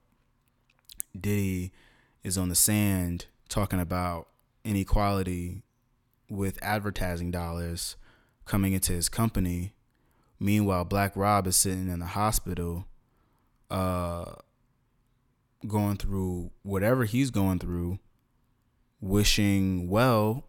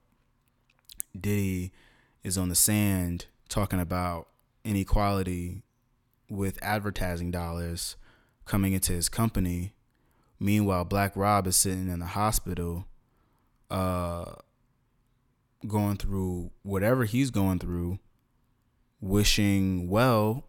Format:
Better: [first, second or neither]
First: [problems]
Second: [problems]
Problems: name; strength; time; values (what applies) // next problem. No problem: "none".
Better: neither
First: none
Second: none